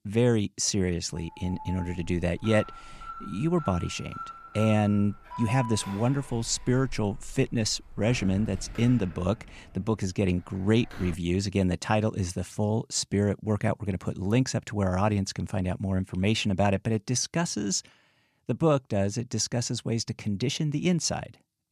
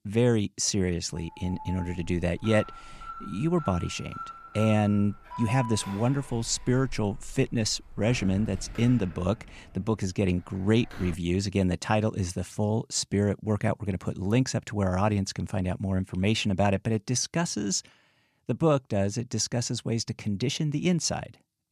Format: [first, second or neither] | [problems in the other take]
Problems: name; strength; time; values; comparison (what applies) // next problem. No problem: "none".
neither | alarm; noticeable; from 1 to 11 s; peak 9 dB below the speech; the same in both